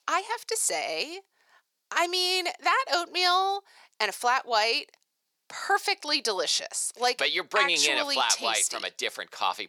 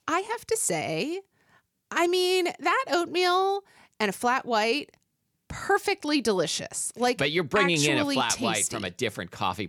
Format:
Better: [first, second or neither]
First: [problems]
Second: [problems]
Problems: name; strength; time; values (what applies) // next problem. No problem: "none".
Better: second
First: thin; very; fading below 650 Hz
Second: none